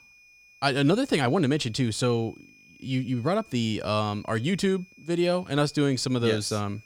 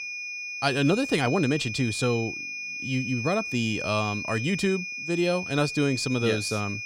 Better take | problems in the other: first | high-pitched whine; loud; throughout; 2.5 kHz, 5 dB below the speech; faint in the first

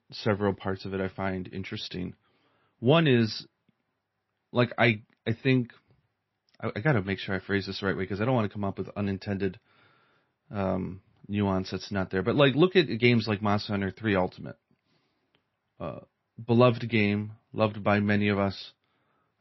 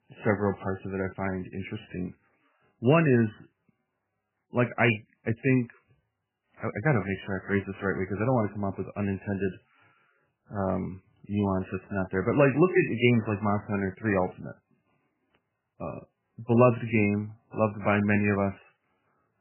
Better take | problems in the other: first | garbled, watery; badly; nothing above 3 kHz; slightly in the first

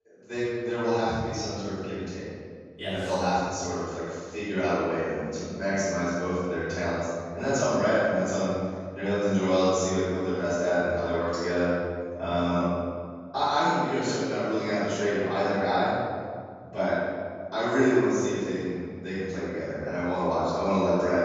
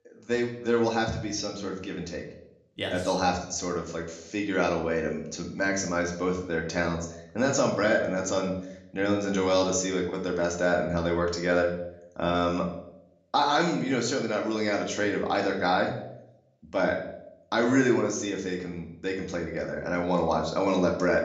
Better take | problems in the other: second | room echo; strong; dies away in 2 s; slight in the second // off-mic speech; far; somewhat distant in the second

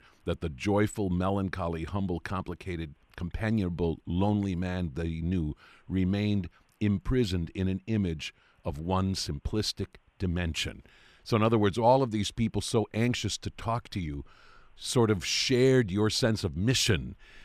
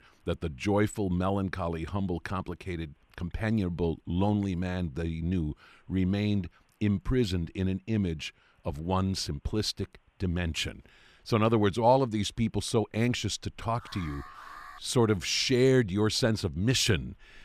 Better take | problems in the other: first | alarm; faint; at 14 s; peak 15 dB below the speech

